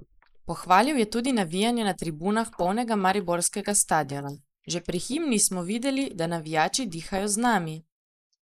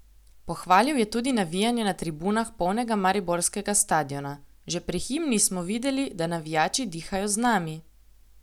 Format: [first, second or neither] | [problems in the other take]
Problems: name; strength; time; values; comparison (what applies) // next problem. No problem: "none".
second | noise reduction (neural mask model Resemble Enhance denoiser)